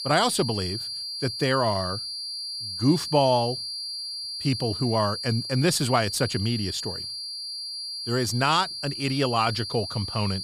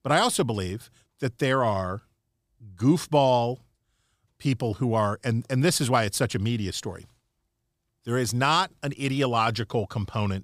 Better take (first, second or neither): second